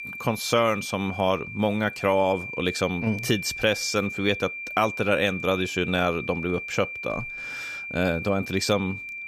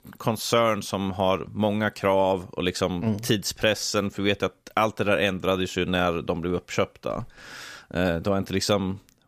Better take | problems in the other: second | high-pitched whine; loud; throughout; 2.5 kHz, 8 dB below the speech

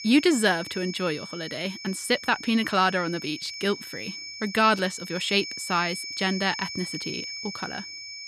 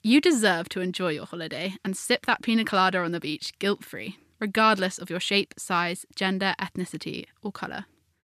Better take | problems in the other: second | high-pitched whine; loud; throughout; 5.5 kHz, 9 dB below the speech

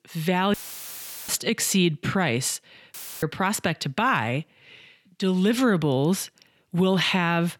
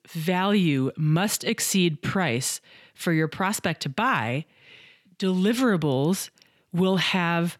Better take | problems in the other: second | audio cutting out; filled with static; at 0.5 s for 0.5 s and at 3 s

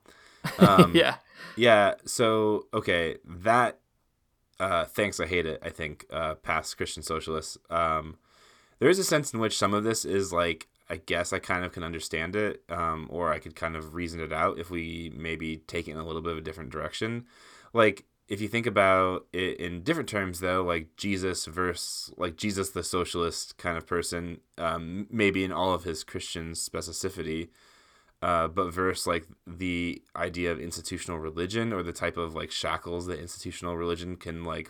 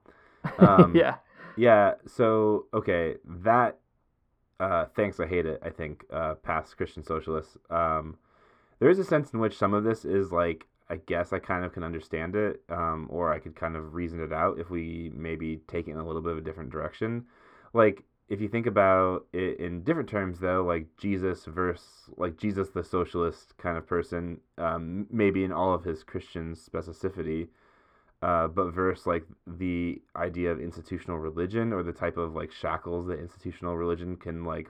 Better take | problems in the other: first | muffled; very; fading above 3 kHz

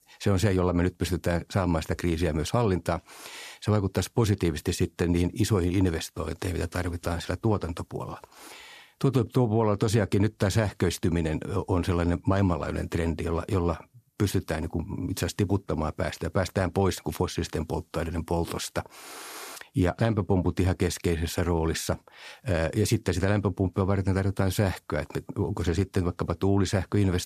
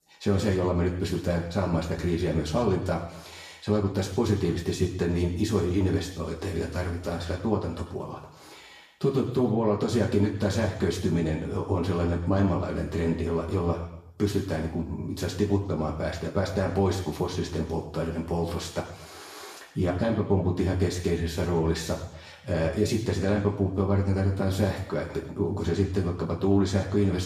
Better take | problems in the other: first | room echo; noticeable; dies away in 0.8 s // off-mic speech; far

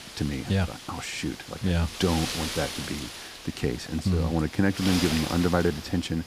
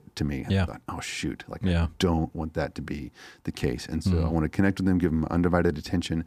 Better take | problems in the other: second | wind noise on the microphone; heavy; 3 dB below the speech

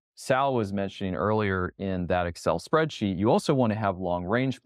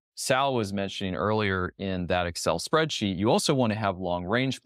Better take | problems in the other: second | muffled; slightly; fading above 2.5 kHz

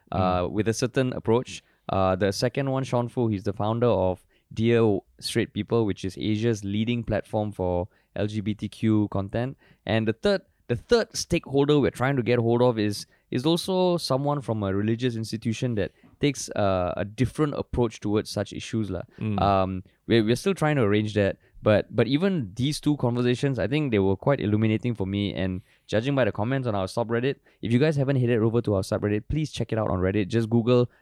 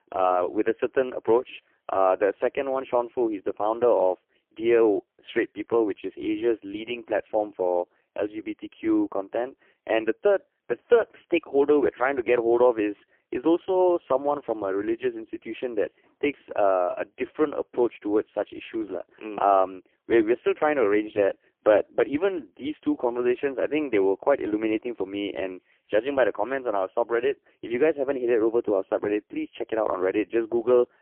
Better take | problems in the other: first | phone-call audio; poor line; nothing above 3 kHz

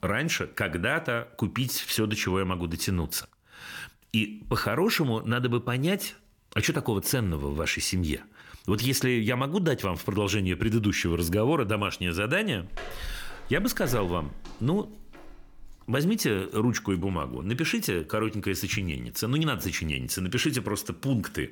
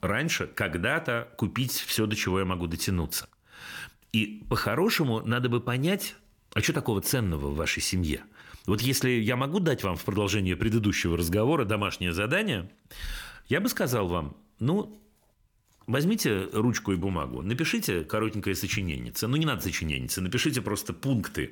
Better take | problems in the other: second | footsteps; faint; from 13 to 16 s; peak 15 dB below the speech

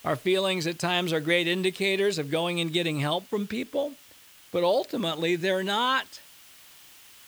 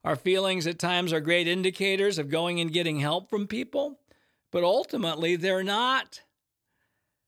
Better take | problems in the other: second | hiss; faint; throughout; 25 dB below the speech

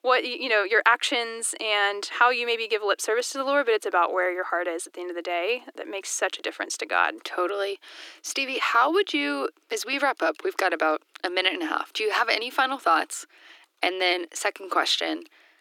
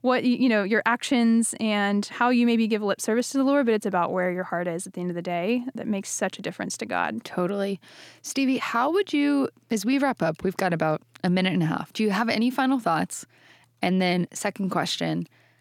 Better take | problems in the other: second | thin; very; fading below 300 Hz

